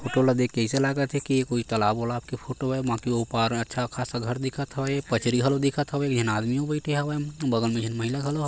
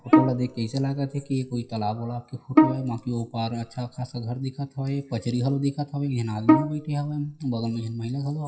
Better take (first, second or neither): first